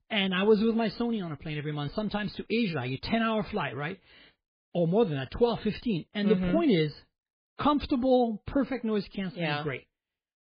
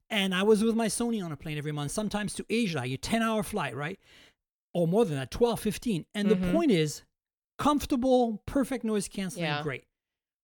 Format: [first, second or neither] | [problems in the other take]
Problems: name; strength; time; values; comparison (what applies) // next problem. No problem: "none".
second | garbled, watery; badly; nothing above 4.5 kHz